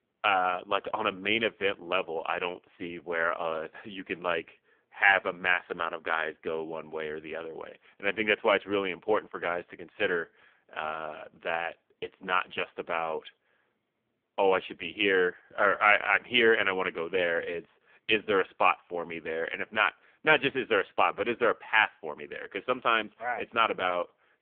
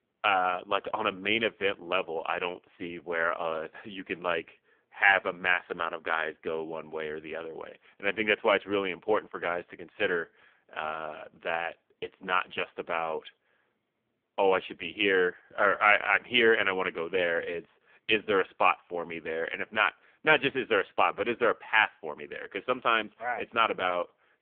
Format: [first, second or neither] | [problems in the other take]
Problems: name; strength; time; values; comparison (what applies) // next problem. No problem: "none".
neither | phone-call audio; poor line; nothing above 3 kHz; the same in both